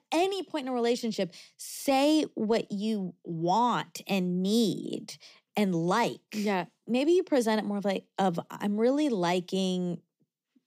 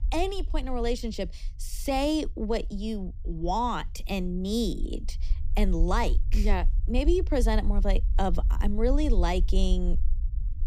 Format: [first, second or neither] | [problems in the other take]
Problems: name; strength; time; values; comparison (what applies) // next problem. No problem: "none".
first | low rumble; faint; throughout; 25 dB below the speech